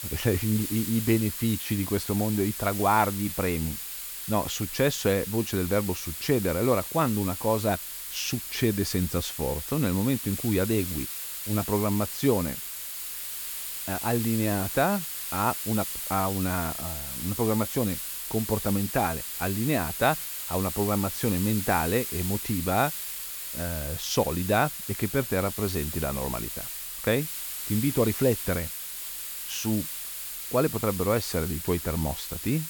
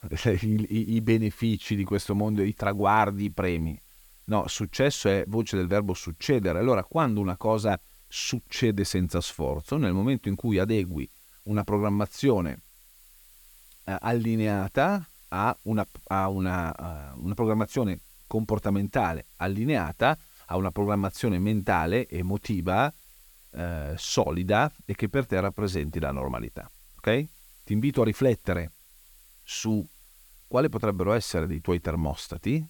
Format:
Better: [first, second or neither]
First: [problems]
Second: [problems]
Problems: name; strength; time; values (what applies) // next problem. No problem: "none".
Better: second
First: hiss; loud; throughout; 5 dB below the speech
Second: hiss; faint; throughout; 25 dB below the speech